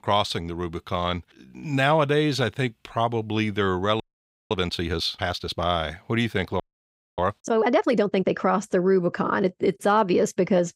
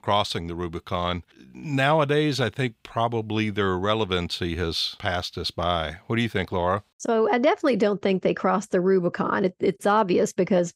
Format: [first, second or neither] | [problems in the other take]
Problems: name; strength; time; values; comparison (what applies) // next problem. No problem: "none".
second | audio freezing; at 4 s for 0.5 s and at 6.5 s for 0.5 s